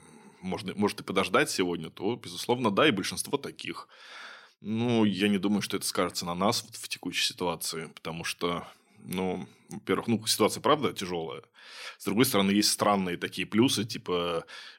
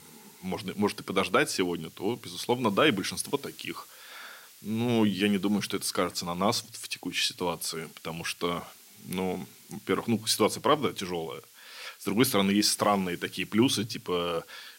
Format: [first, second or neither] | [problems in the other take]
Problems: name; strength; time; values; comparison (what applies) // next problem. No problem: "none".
first | hiss; faint; throughout; 20 dB below the speech